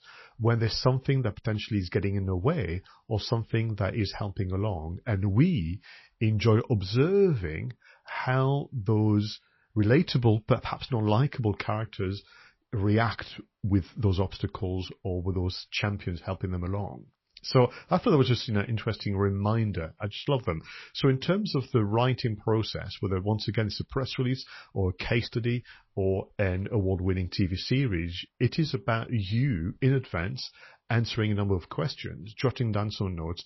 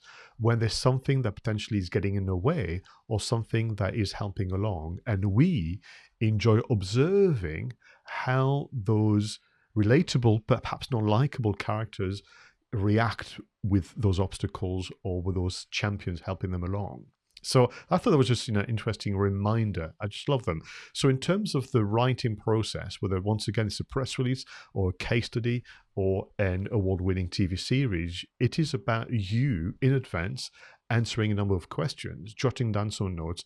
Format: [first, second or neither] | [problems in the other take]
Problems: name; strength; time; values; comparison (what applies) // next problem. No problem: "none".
second | garbled, watery; slightly; nothing above 5.5 kHz